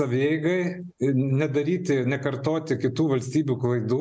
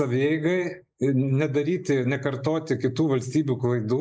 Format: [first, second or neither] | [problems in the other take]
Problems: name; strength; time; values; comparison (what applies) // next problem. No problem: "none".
first | noise reduction (neural mask model Resemble Enhance denoiser)